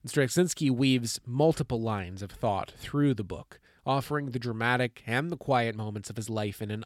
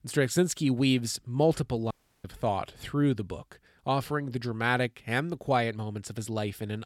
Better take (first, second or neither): first